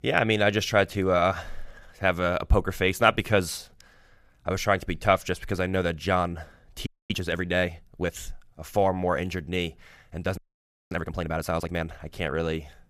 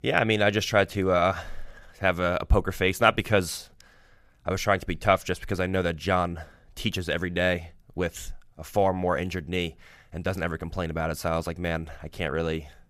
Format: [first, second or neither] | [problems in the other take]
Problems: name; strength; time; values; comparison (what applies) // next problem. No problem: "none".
second | audio freezing; at 7 s and at 10 s for 0.5 s